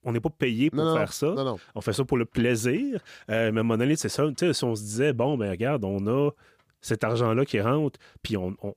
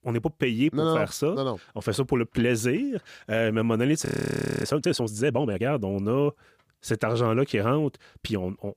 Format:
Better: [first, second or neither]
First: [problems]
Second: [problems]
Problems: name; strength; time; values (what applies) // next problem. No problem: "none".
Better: first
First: none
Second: audio freezing; at 4 s for 0.5 s